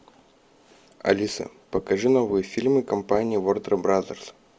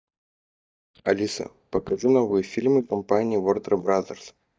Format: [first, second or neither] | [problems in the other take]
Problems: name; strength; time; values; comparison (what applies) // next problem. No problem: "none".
first | noise reduction (neural mask model DeepFilterNet 3)